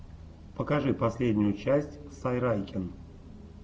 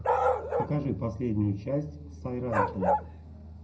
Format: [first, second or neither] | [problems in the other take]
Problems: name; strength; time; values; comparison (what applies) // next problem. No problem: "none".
first | background sound (Bark); 1 dB above the speech // room echo; dies away in 0.4 s